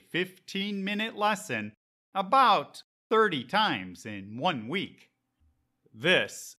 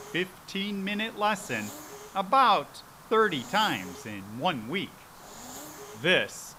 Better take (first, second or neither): first